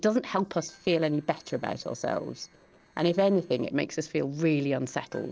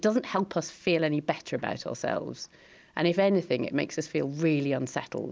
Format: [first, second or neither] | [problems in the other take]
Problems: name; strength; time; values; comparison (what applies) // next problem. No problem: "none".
second | noise reduction (neural separator model SepFormer DNS4)